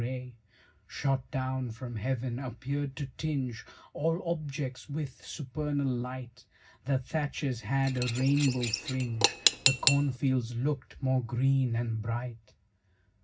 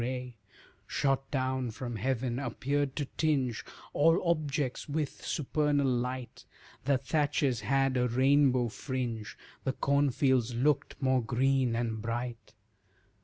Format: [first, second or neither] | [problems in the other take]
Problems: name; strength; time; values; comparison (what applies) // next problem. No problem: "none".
second | background sound (Cutlery, silverware / Dishes, pots, and pans); as loud as the speech // room echo; dies away in 0.4 s